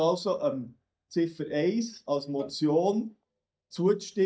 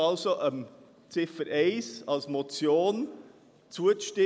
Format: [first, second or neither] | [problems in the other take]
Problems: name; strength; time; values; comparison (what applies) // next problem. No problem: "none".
second | noise reduction (neural mask model DeepFilterNet 3)